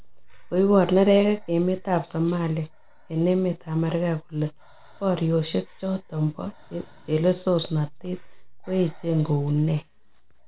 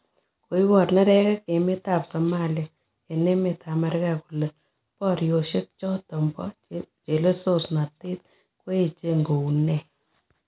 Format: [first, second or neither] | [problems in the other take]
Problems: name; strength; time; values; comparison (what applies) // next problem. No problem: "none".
second | background sound (Breathing); 17 dB below the speech